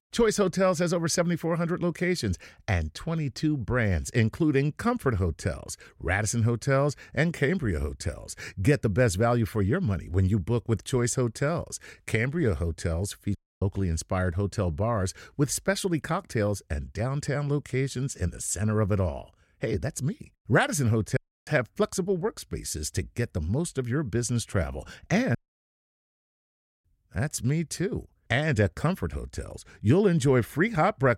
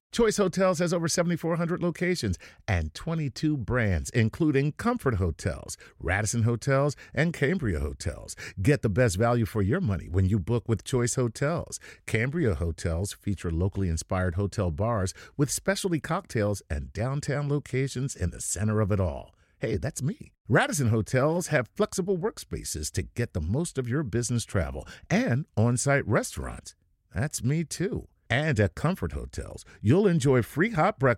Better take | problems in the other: second | audio cutting out; at 13 s, at 21 s and at 25 s for 1.5 s

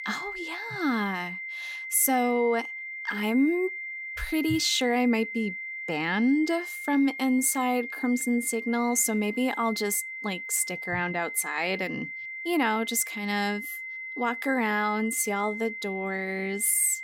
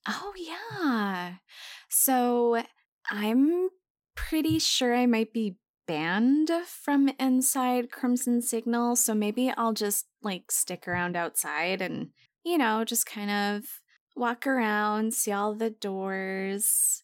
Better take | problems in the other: second | high-pitched whine; loud; throughout; 2 kHz, 8 dB below the speech

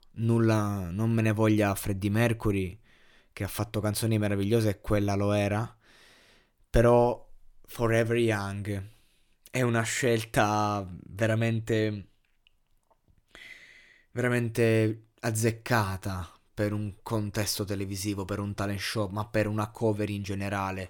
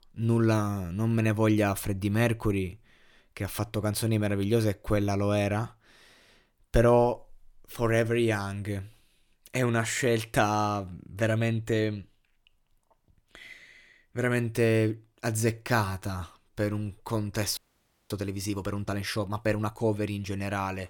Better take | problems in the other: first | audio freezing; at 18 s for 0.5 s

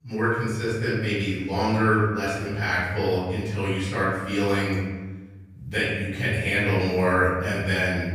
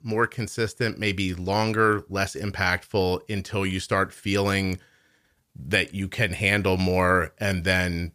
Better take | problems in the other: second | off-mic speech; far // room echo; strong; dies away in 1.2 s

